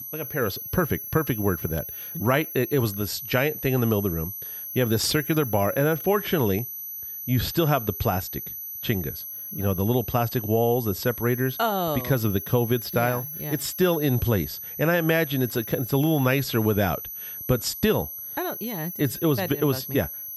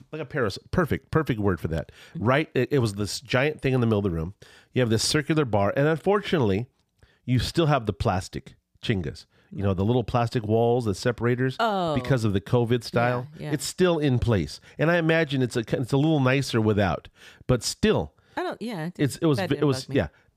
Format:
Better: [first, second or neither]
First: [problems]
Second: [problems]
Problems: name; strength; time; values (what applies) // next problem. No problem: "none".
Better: second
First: high-pitched whine; loud; throughout; 12 kHz, 8 dB below the speech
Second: none